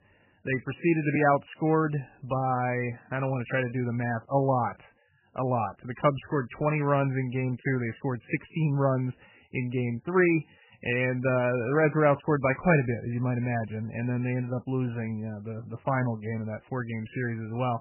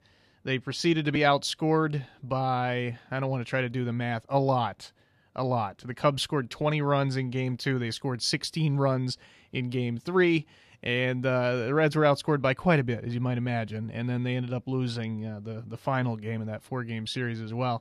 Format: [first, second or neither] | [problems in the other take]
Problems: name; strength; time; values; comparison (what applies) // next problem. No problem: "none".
second | garbled, watery; badly; nothing above 2.5 kHz